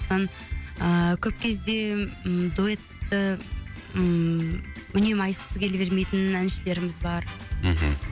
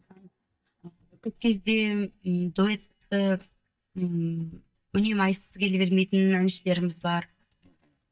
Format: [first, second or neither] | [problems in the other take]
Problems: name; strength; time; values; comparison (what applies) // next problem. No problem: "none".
first | noise reduction (neural mask model DeepFilterNet 3)